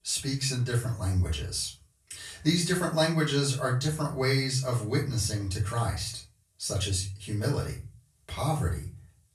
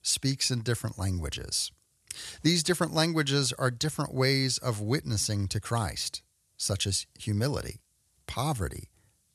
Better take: second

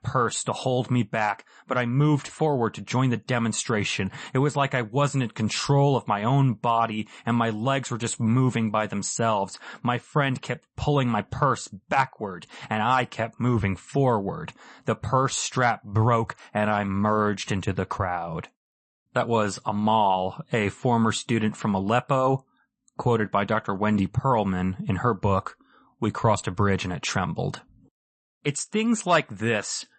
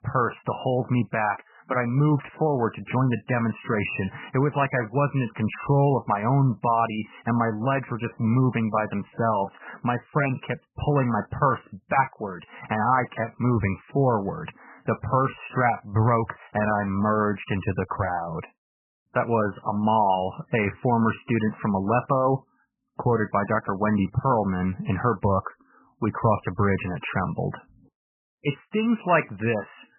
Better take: first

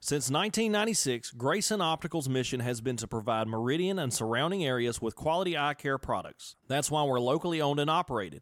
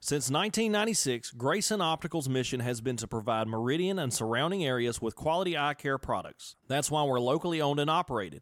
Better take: neither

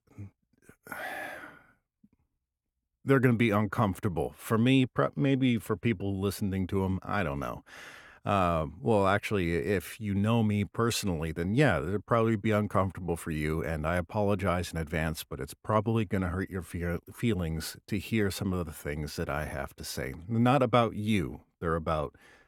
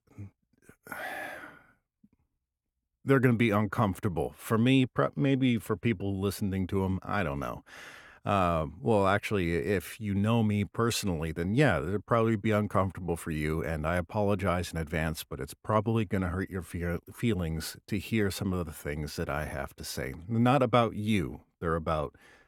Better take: neither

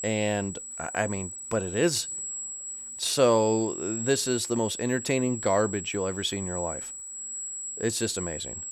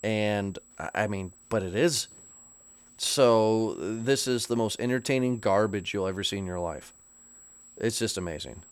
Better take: second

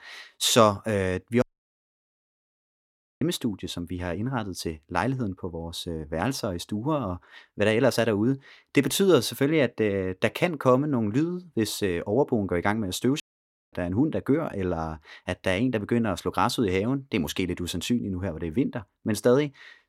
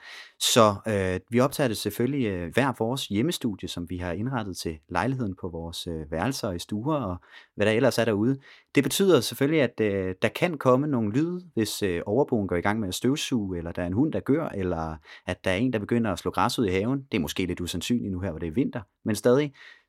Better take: second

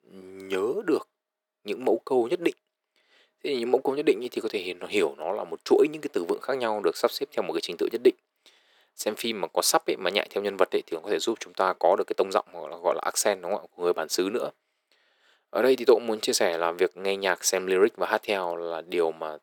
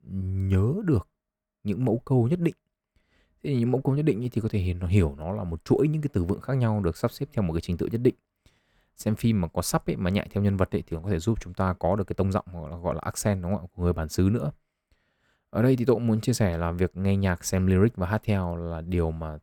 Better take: second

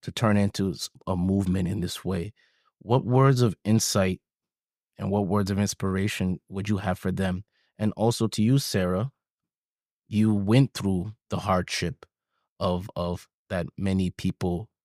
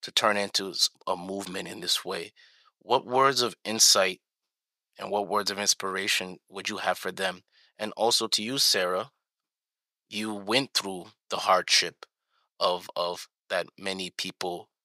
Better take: first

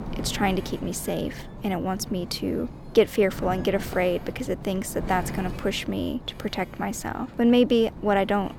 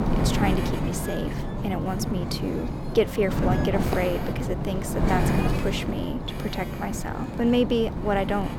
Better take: first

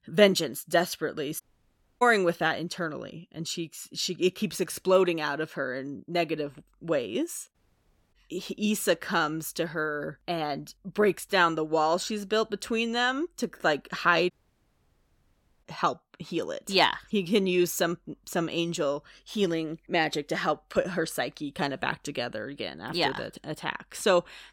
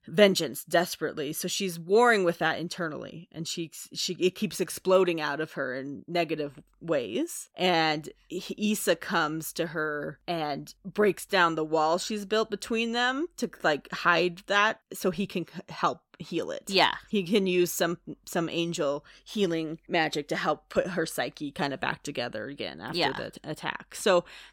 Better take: second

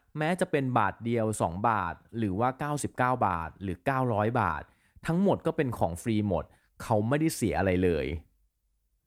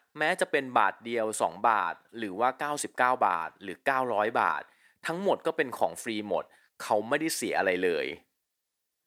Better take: first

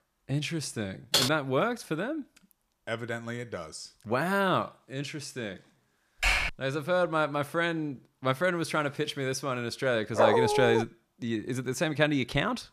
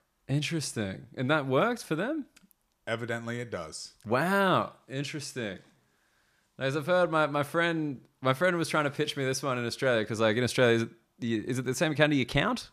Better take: second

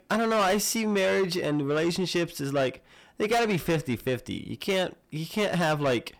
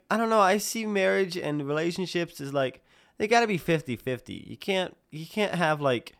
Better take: second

